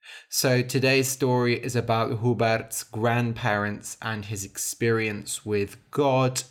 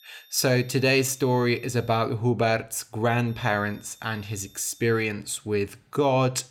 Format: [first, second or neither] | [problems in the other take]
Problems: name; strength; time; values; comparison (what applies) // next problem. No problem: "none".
first | high-pitched whine; faint; until 2 s and from 3.5 to 5 s; 3.5 kHz, 30 dB below the speech